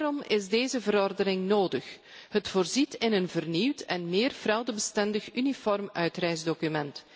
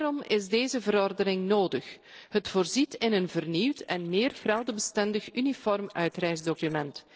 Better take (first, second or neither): first